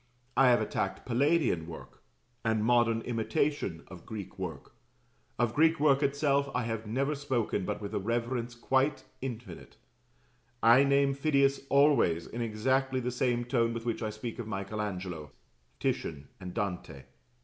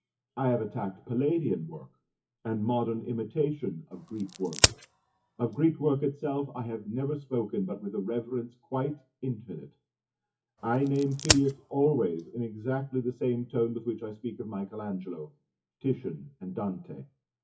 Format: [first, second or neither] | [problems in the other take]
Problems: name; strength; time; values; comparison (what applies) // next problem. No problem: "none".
first | noise reduction (classical method WPE with log-MMSE)